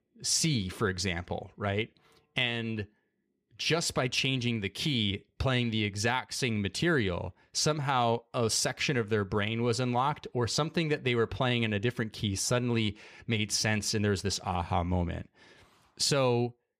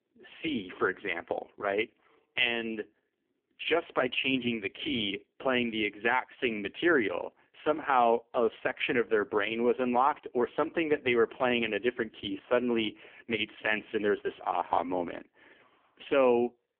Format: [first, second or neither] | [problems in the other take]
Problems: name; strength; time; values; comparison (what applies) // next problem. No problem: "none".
first | phone-call audio; poor line; nothing above 3.5 kHz